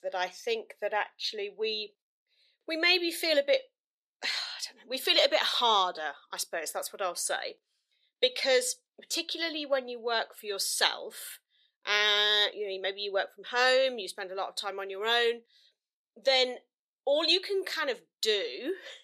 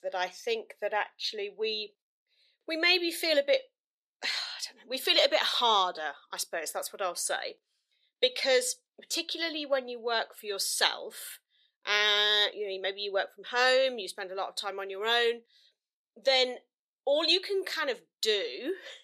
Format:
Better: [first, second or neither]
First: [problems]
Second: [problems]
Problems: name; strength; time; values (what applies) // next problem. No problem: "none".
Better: neither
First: thin; somewhat; fading below 400 Hz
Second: thin; somewhat; fading below 400 Hz